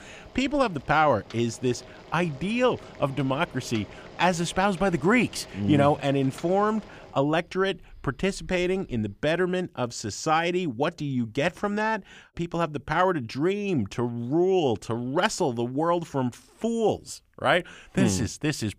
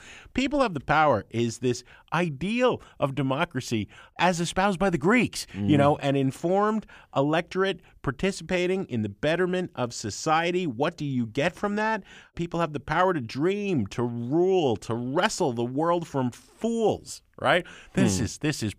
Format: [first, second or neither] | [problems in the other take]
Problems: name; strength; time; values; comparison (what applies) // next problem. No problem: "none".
second | household noises; faint; until 9 s; 20 dB below the speech